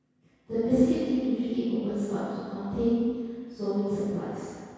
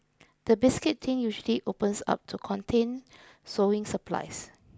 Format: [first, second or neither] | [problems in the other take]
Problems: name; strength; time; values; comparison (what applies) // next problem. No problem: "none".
second | room echo; dies away in 2 s